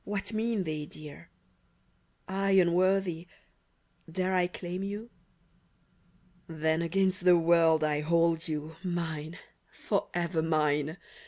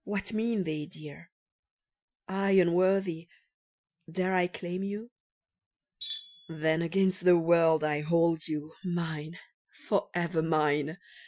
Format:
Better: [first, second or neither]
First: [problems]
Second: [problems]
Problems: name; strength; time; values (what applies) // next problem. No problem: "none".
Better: first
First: none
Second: noise reduction (classical method Wiener filter)